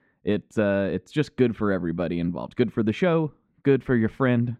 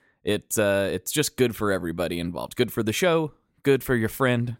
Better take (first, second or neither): second